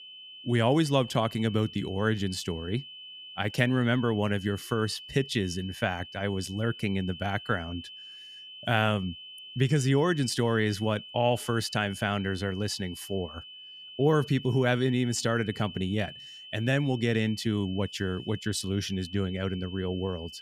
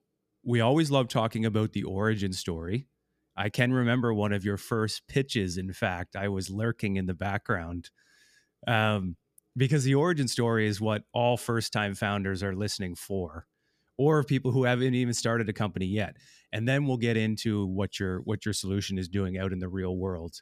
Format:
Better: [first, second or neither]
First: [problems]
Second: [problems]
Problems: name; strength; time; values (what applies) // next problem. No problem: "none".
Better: second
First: high-pitched whine; noticeable; throughout; 3 kHz, 15 dB below the speech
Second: none